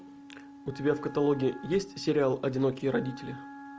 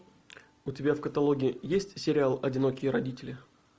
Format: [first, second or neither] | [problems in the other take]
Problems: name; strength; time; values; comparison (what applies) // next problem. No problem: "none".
second | background sound (Wind instrument, woodwind instrument); 16 dB below the speech